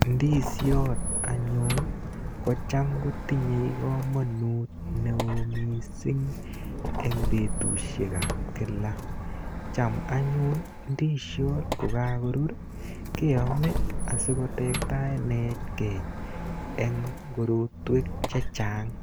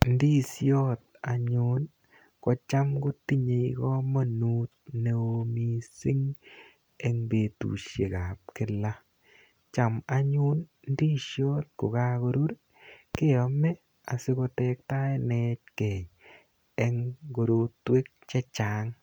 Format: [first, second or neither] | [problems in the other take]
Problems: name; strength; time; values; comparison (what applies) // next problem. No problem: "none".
second | background sound (Squeak); 3 dB below the speech